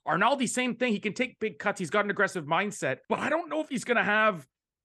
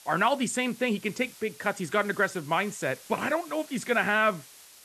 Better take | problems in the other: first | hiss; noticeable; throughout; 20 dB below the speech

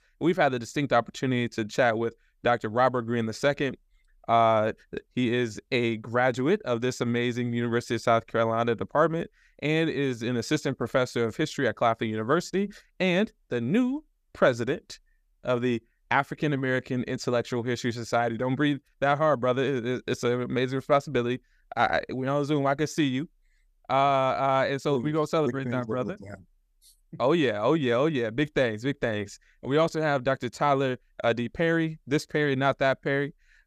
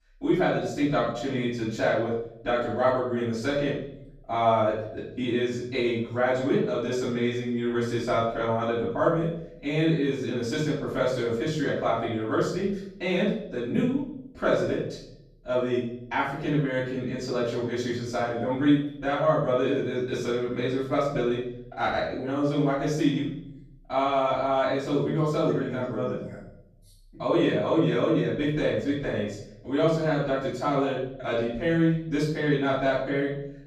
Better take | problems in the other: first | room echo; noticeable; dies away in 0.6 s // off-mic speech; far

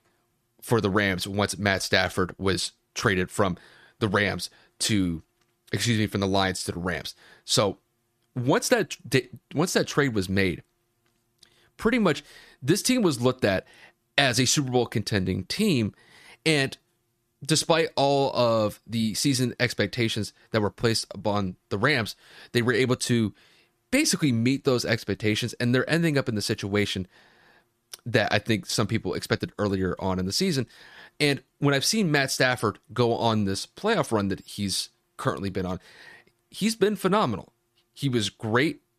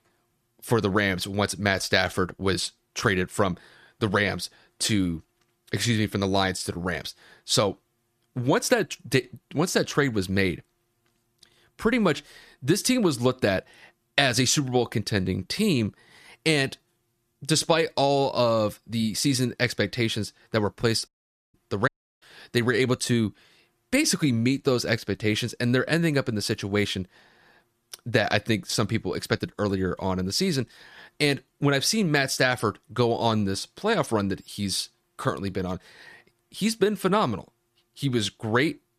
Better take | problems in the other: first | audio cutting out; at 21 s and at 22 s

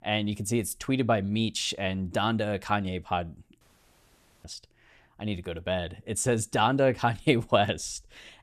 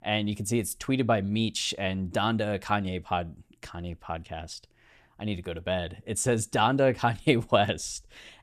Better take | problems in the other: second | audio cutting out; at 3.5 s for 1 s

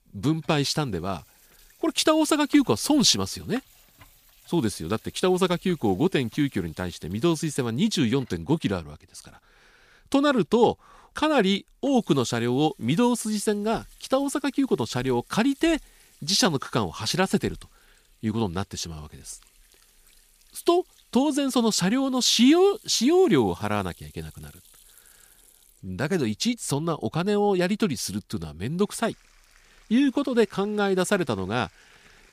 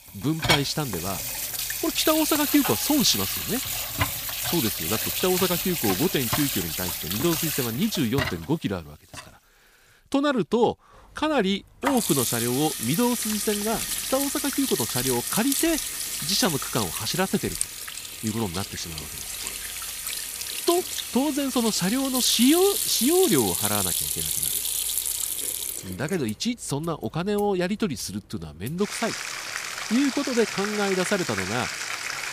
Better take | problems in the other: first | household noises; loud; throughout; 1 dB below the speech; faint in the first

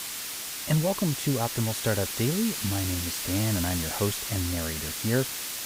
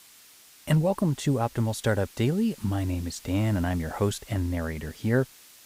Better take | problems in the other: second | hiss; loud; throughout; 2 dB below the speech; faint in the second

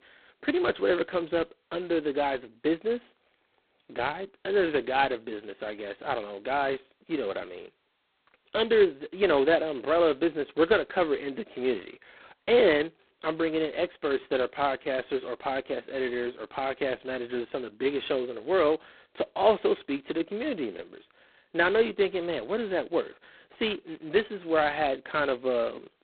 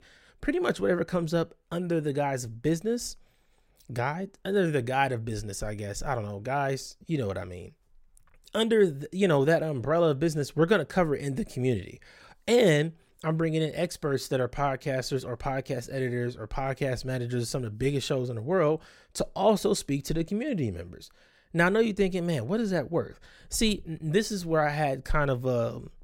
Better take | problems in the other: second | phone-call audio; poor line; nothing above 4 kHz

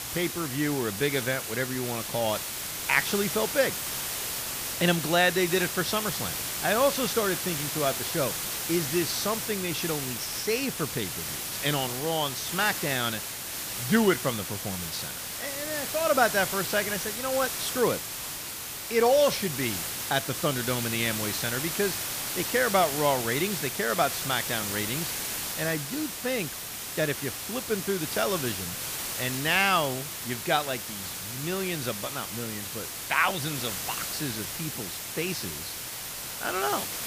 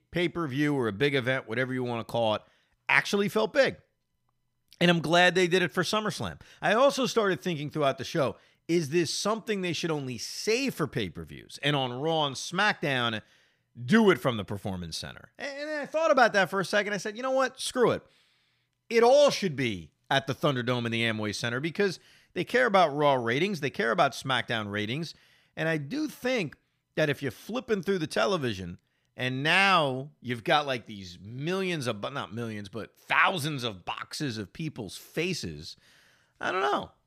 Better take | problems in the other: second | hiss; loud; throughout; 3 dB below the speech

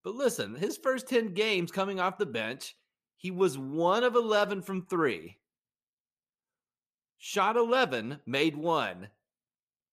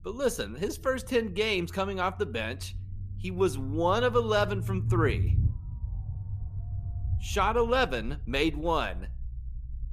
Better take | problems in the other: first | low rumble; faint; throughout; 20 dB below the speech

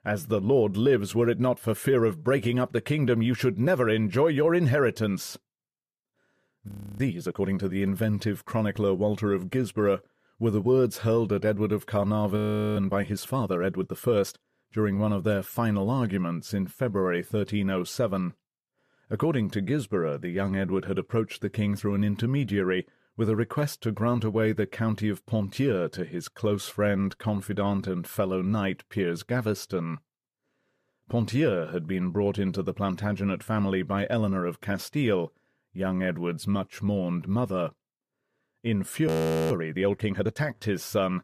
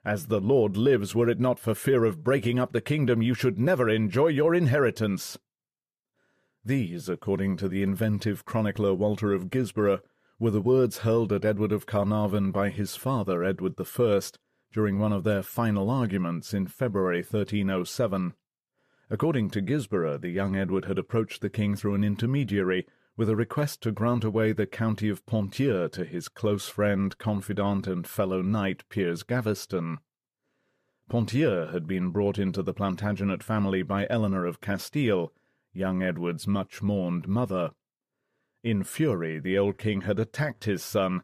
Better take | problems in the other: second | audio freezing; at 6.5 s, at 12 s and at 39 s

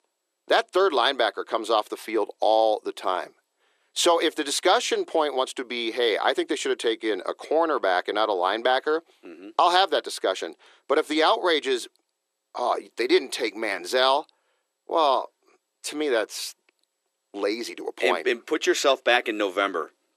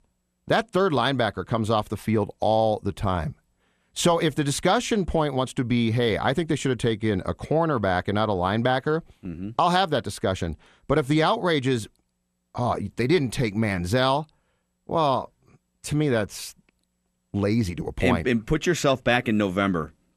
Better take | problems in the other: second | thin; very; fading below 350 Hz

